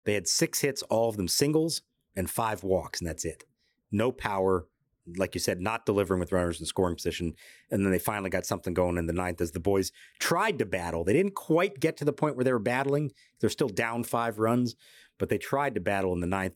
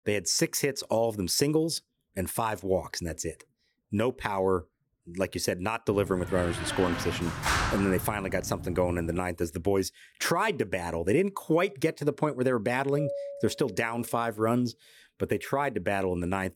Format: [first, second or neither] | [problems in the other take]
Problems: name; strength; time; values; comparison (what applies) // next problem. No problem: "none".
first | door banging; loud; from 6 to 9 s; peak 2 dB above the speech // doorbell; noticeable; from 13 to 14 s; peak 5 dB below the speech